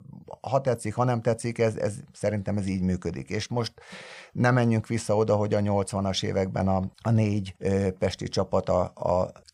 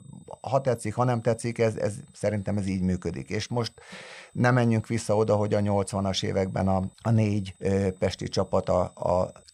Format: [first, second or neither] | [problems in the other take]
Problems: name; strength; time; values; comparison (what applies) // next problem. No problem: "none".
first | high-pitched whine; faint; throughout; 8 kHz, 30 dB below the speech